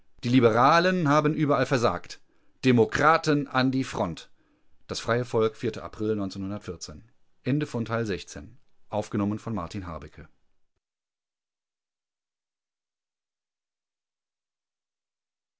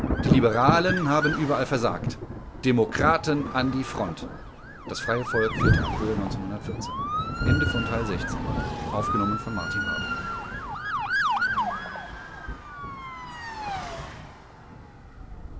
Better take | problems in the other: first | background sound (Motor vehicle (road) / Siren + Thunder); as loud as the speech

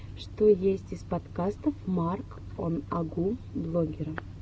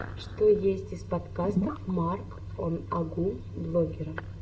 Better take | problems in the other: first | background sound (Gurgling / Liquid); 5 dB below the speech // room echo; dies away in 0.5 s

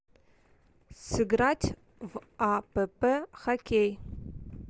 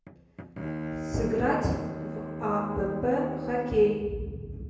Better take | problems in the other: first | background sound (Bowed string instrument); 8 dB below the speech // room echo; dies away in 1.2 s

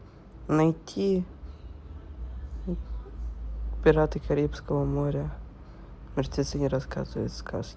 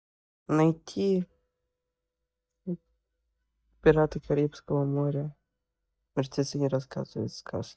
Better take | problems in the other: first | noise reduction (neural mask model DeepFilterNet 3)

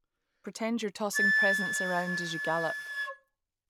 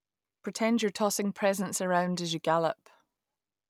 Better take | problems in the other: second | background sound (Wind instrument, woodwind instrument); 2 dB above the speech

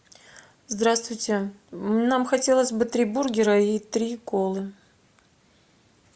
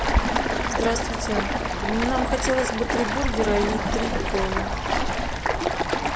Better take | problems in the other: first | background sound (Stream); 4 dB above the speech

